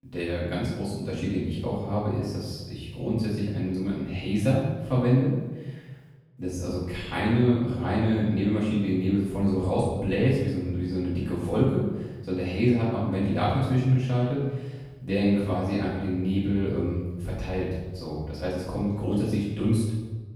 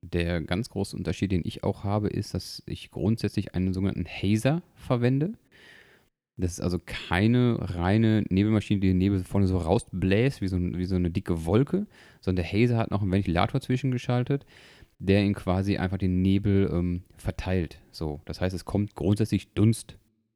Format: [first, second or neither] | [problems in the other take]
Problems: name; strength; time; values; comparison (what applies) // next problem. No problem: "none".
second | room echo; noticeable; dies away in 1 s // off-mic speech; far